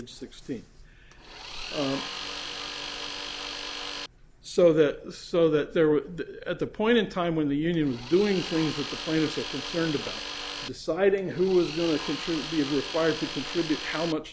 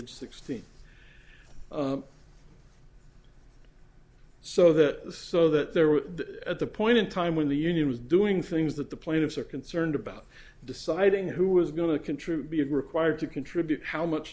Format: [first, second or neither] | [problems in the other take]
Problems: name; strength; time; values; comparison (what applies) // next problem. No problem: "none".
second | background sound (Tools); 9 dB below the speech